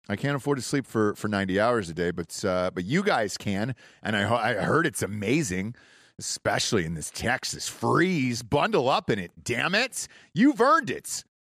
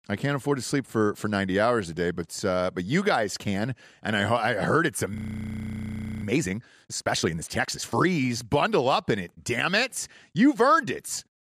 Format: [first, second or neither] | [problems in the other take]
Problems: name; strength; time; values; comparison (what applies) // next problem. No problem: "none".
first | audio freezing; at 5 s for 1 s